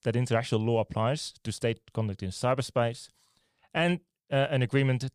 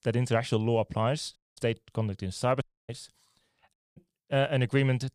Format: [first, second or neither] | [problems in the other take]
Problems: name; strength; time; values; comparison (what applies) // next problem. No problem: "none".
first | audio cutting out; at 1.5 s, at 2.5 s and at 3.5 s